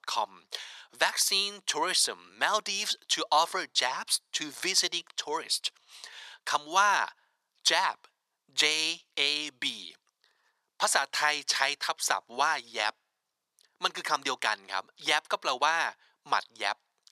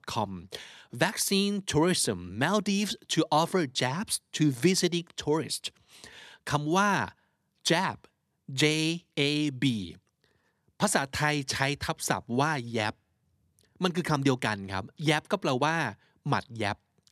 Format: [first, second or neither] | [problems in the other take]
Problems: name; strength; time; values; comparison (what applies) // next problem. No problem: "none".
second | thin; very; fading below 800 Hz